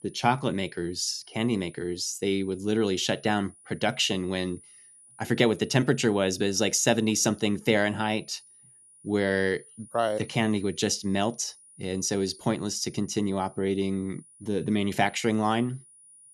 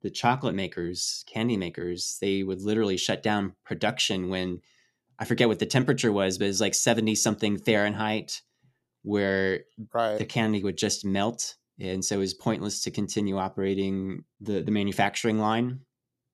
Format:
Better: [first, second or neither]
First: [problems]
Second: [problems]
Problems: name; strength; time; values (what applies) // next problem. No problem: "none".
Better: second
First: high-pitched whine; faint; throughout; 9.5 kHz, 25 dB below the speech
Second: none